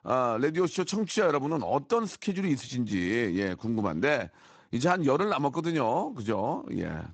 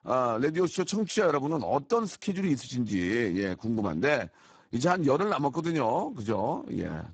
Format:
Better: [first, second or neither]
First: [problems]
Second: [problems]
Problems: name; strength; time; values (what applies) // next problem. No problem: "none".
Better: first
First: garbled, watery; slightly; nothing above 8 kHz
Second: garbled, watery; badly; nothing above 8 kHz